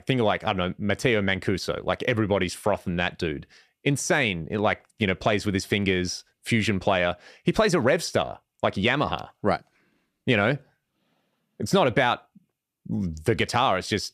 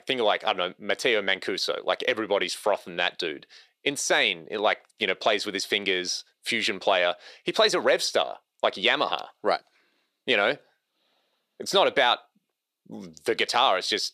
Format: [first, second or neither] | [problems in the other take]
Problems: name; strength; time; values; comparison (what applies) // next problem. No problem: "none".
first | thin; somewhat; fading below 450 Hz